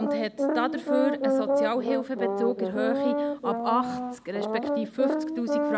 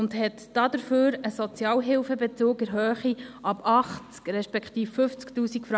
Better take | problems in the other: second | background sound (Brass instrument); 2 dB above the speech

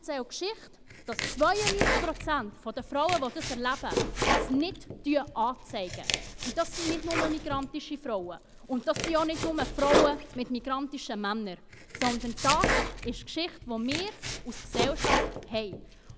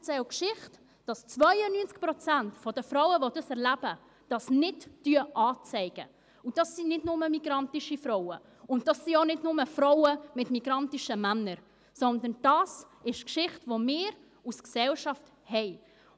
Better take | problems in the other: second | background sound (Domestic sounds, home sounds); 1 dB below the speech

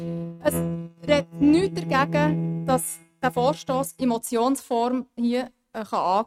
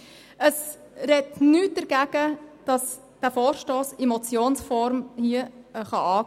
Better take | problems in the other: second | noise reduction (neural mask model RNNoise)

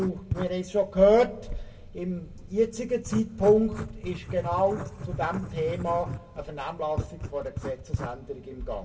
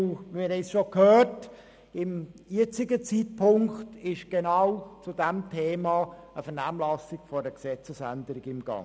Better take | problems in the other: second | background sound (Writing); 9 dB below the speech // room echo; dies away in 0.1 s

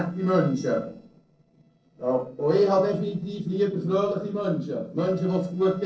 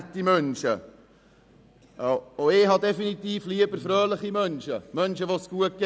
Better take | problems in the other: second | noise reduction (neural separator model SepFormer DNS4)

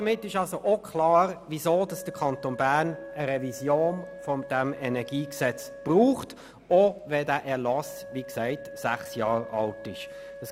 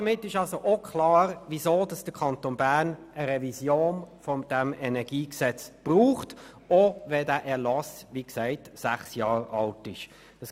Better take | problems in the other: second | background sound (Wind instrument, woodwind instrument); 16 dB below the speech

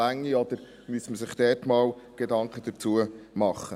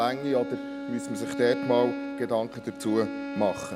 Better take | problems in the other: first | background sound (Bowed string instrument); 7 dB below the speech

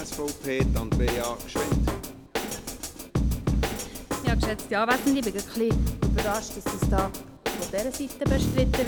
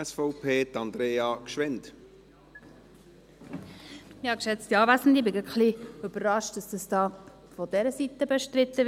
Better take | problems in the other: second | background sound (Drum kit); 3 dB above the speech

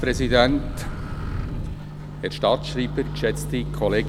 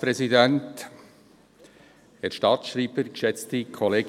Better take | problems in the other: second | background sound (Microwave oven); 4 dB below the speech

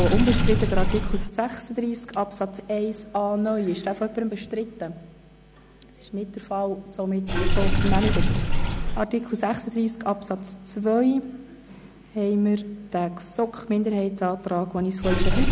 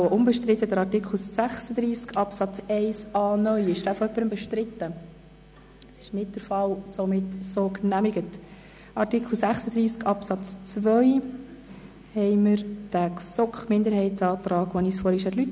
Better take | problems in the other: second | background sound (Sink (filling or washing) / Water); as loud as the speech

